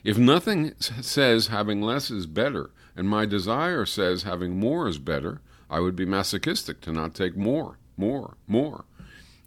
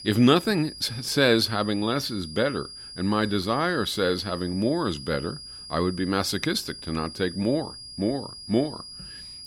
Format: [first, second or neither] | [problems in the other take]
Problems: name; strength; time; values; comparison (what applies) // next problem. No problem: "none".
first | high-pitched whine; noticeable; throughout; 5 kHz, 15 dB below the speech